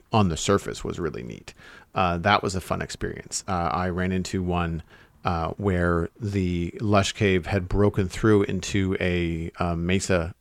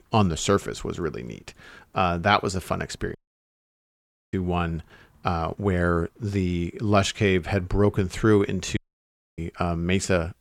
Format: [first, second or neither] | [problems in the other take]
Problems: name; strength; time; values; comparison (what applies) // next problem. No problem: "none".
first | audio cutting out; at 3 s for 1 s and at 9 s for 0.5 s